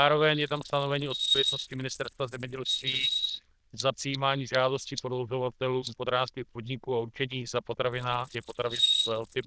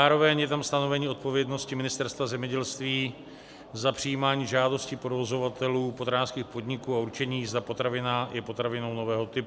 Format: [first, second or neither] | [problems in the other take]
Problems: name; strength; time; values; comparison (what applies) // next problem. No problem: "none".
second | noise reduction (neural diffusion model UNIVERSE++)